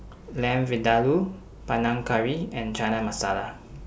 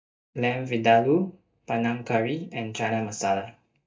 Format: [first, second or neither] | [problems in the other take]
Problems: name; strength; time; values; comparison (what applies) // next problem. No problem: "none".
first | noise reduction (neural mask model DeepFilterNet 3)